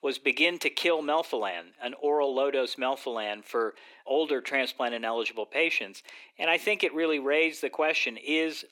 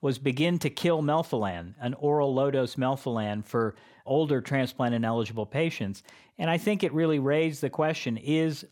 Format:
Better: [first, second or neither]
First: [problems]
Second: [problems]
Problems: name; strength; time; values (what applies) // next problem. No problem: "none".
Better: second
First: thin; somewhat; fading below 300 Hz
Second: none